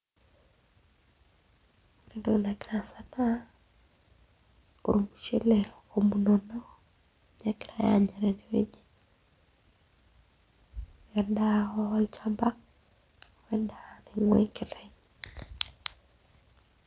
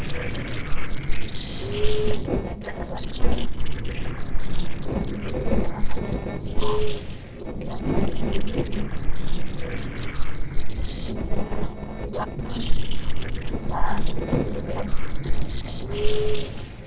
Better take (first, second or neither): first